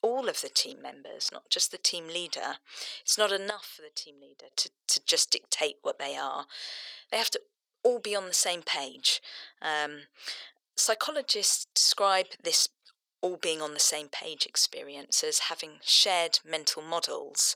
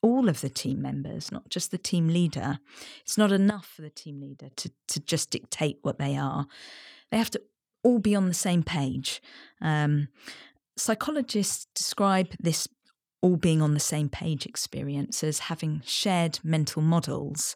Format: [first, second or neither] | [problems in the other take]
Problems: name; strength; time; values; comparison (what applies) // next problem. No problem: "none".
second | thin; very; fading below 500 Hz